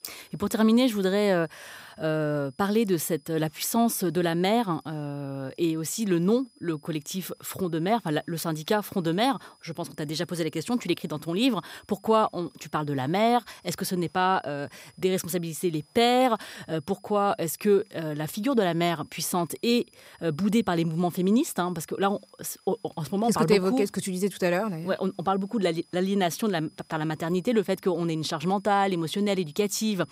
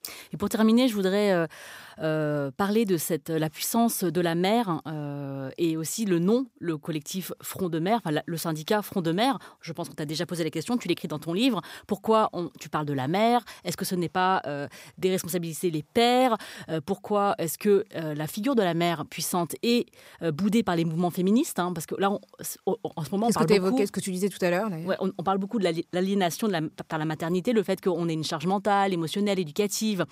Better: second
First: high-pitched whine; faint; throughout; 5 kHz, 30 dB below the speech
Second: none

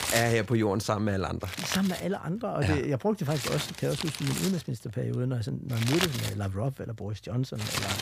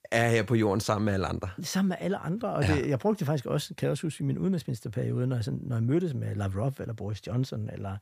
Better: second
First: household noises; loud; throughout; 4 dB below the speech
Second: none

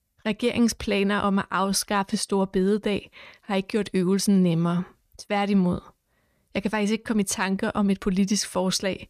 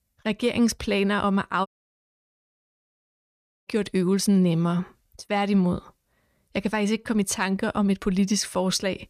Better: first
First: none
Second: audio cutting out; at 1.5 s for 2 s

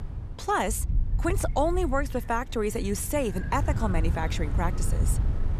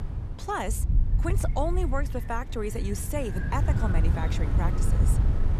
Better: first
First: wind noise on the microphone; occasional gusts; 15 dB below the speech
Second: wind noise on the microphone; heavy; 8 dB below the speech

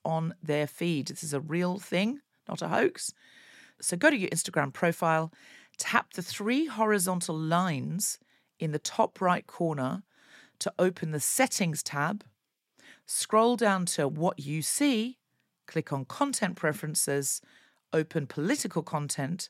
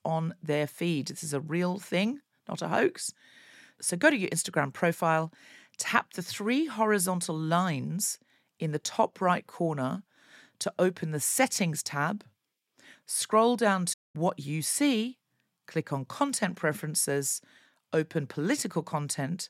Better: first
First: none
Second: audio cutting out; at 14 s

